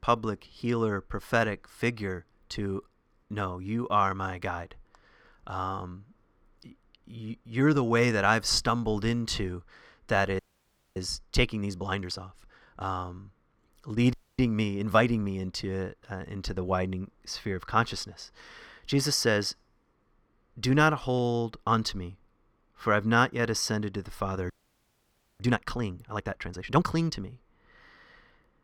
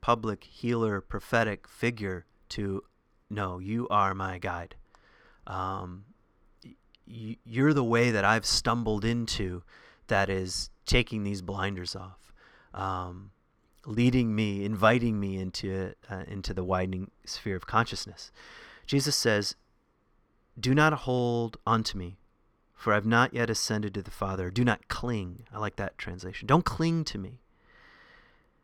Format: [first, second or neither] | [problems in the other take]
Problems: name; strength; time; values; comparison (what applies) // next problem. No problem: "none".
second | audio freezing; at 10 s for 0.5 s, at 14 s and at 25 s for 1 s